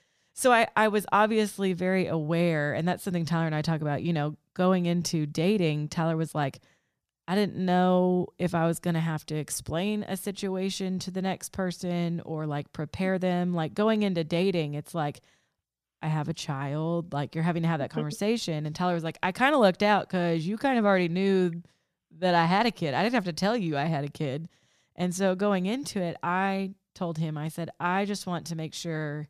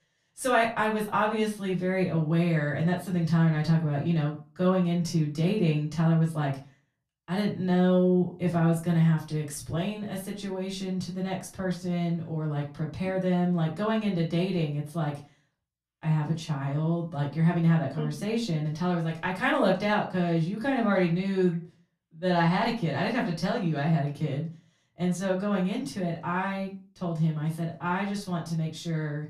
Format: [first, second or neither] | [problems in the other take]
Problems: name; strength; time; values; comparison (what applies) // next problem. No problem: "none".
first | off-mic speech; far // room echo; very slight; dies away in 0.3 s